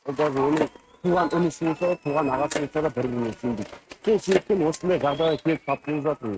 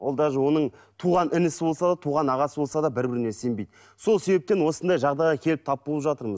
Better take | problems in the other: second | noise reduction (neural mask model RNNoise)

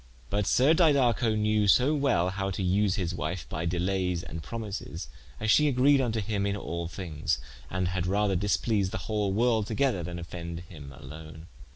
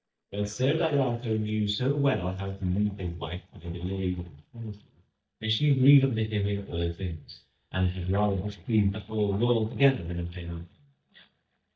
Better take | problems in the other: first | noise reduction (neural mask model DeepFilterNet 3)

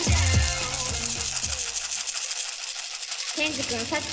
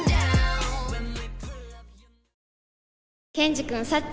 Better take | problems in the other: second | background sound (Rattle (instrument)); 1 dB below the speech // room echo; dies away in 0.2 s

